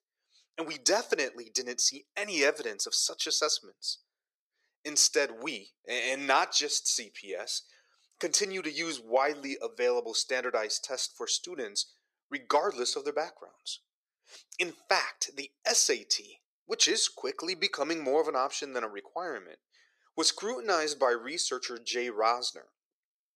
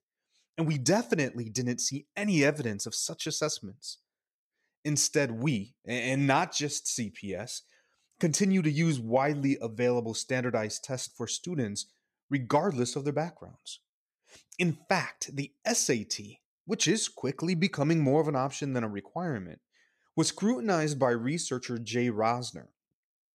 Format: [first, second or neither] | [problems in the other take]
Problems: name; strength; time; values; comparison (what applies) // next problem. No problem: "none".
second | thin; very; fading below 400 Hz